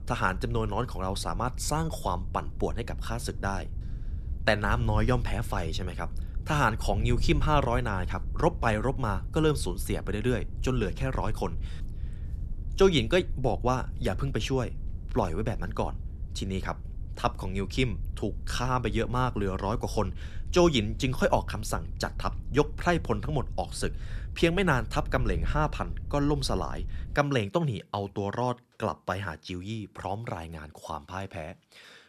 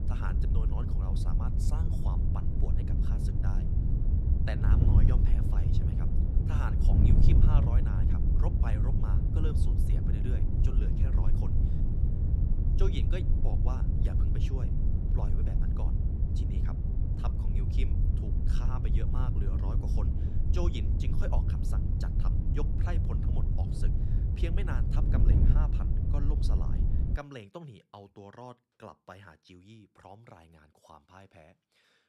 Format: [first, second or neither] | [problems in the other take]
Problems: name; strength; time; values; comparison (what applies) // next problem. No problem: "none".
first | wind noise on the microphone; heavy; until 27 s; 2 dB above the speech; occasional gusts in the first